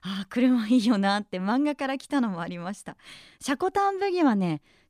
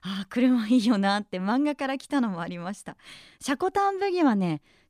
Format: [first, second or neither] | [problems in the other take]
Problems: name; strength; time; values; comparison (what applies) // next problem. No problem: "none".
neither | none